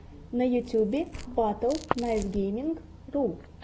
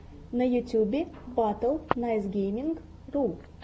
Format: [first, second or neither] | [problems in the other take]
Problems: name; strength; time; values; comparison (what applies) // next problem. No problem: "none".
second | background sound (Tearing); 15 dB below the speech